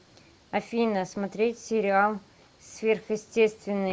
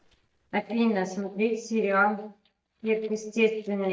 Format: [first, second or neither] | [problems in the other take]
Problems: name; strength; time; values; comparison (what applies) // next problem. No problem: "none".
first | noise reduction (neural mask model DeepFilterNet 3)